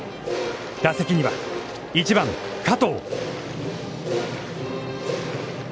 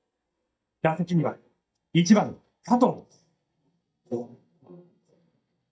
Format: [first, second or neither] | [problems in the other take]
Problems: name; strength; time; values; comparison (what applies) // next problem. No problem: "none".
first | noise reduction (neural mask model DeepFilterNet 3)